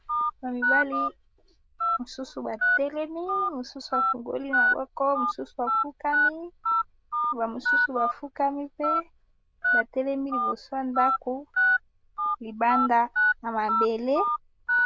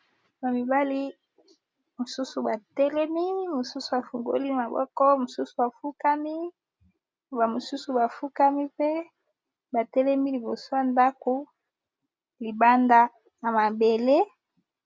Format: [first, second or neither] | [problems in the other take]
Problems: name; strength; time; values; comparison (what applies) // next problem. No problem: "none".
second | noise reduction (neural diffusion model UNIVERSE++)